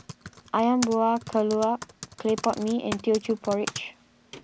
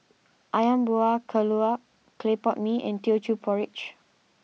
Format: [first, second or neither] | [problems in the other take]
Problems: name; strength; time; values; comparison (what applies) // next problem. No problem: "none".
second | background sound (Typing); 13 dB below the speech